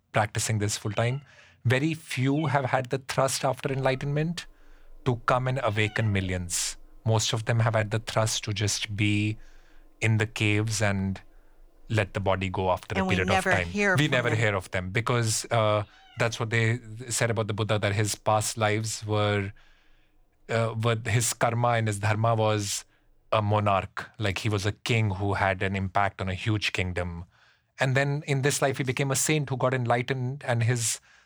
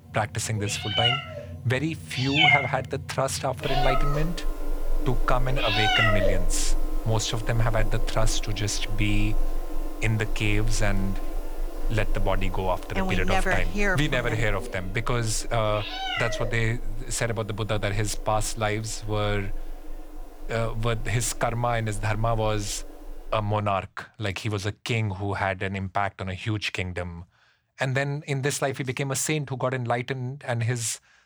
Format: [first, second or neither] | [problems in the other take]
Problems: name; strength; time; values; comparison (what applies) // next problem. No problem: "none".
first | animal sounds; loud; until 23 s; 2 dB below the speech; faint in the first